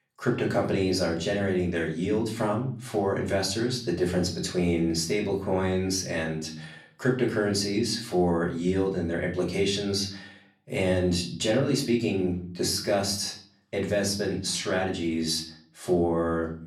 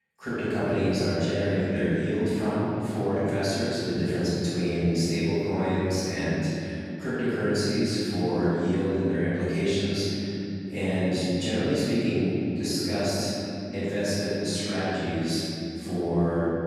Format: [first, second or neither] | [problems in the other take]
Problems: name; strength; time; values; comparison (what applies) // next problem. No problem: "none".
first | room echo; strong; dies away in 3 s; slight in the first // off-mic speech; far; far in the first